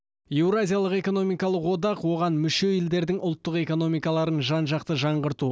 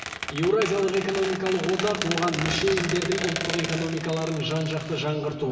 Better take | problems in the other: first | background sound (Squeak); 7 dB below the speech // room echo; dies away in 2.3 s

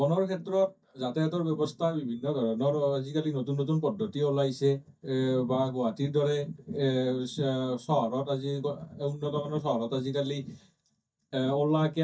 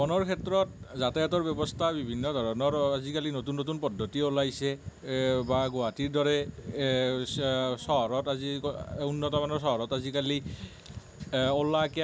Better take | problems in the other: second | noise reduction (neural mask model DeepFilterNet 3)

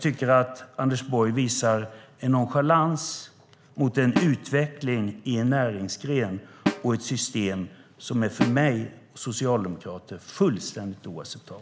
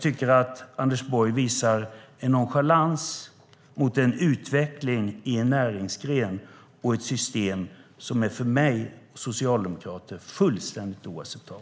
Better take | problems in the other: second | background sound (Snare drum); 7 dB below the speech

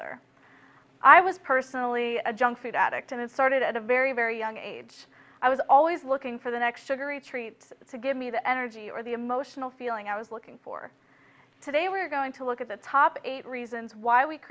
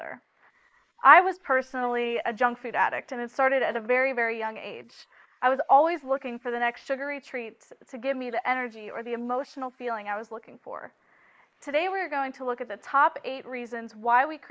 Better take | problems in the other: first | noise reduction (neural mask model Resemble Enhance denoiser)

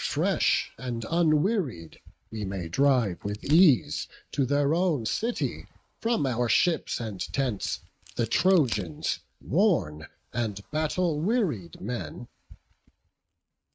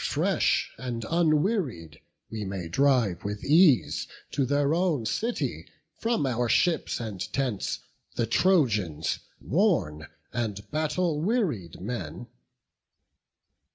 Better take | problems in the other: second | noise reduction (neural mask model RNNoise)

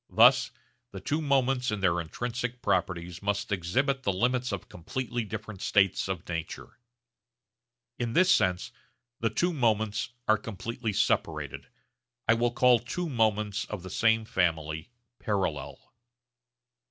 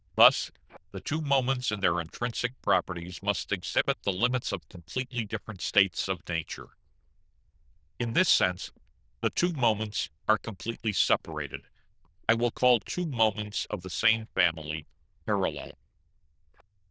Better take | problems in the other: first | noise reduction (neural diffusion model UNIVERSE++)

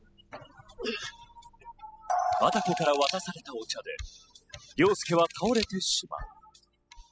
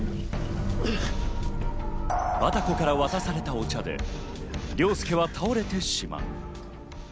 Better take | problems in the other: second | noise reduction (classical method spectral subtraction)

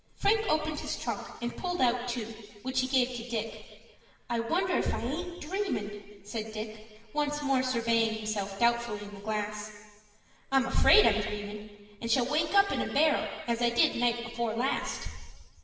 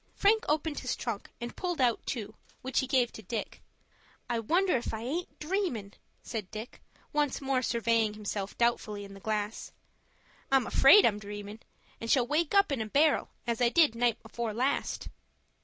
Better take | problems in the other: second | room echo; dies away in 1.5 s

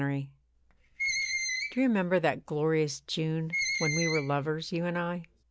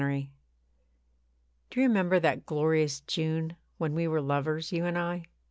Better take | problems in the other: second | background sound (Screech); 5 dB below the speech

